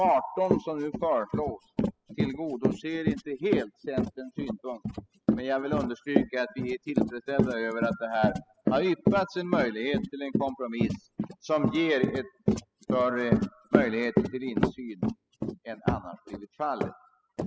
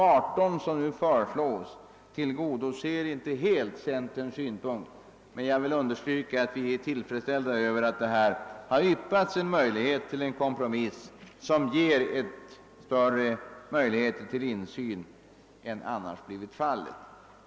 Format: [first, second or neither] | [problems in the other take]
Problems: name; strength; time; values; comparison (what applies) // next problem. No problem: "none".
second | noise reduction (classical method spectral subtraction)